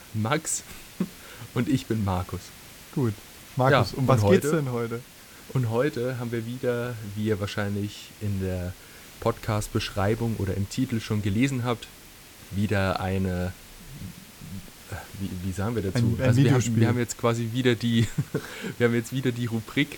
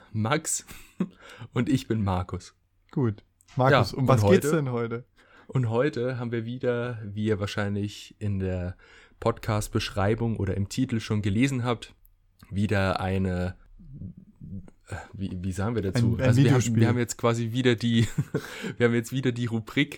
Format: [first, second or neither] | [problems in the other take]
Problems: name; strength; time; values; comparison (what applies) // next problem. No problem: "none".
second | hiss; noticeable; throughout; 20 dB below the speech